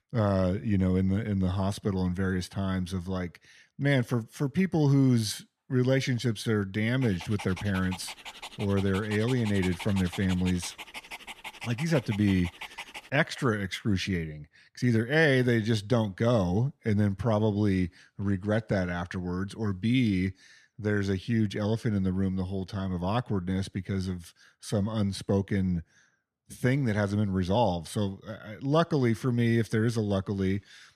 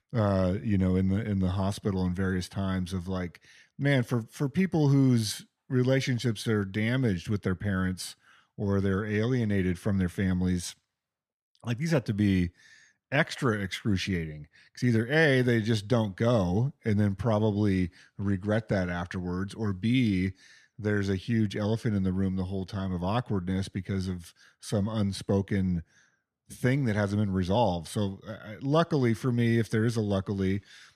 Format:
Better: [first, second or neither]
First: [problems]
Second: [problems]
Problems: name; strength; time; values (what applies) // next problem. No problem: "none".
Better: second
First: dog barking; faint; from 7 to 13 s; peak 10 dB below the speech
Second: none